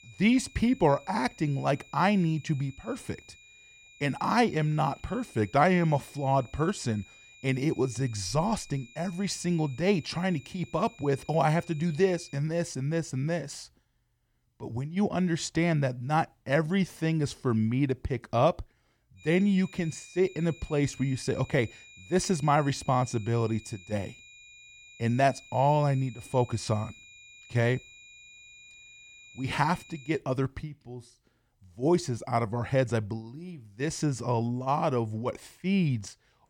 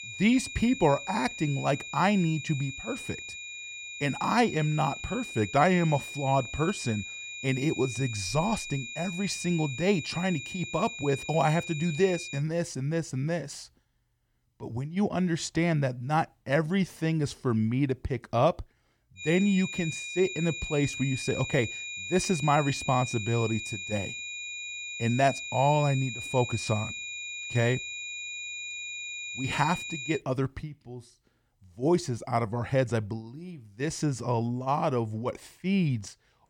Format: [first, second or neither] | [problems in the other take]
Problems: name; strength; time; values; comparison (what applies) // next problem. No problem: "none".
first | high-pitched whine; loud; until 12 s and from 19 to 30 s; 2.5 kHz, 8 dB below the speech; faint in the first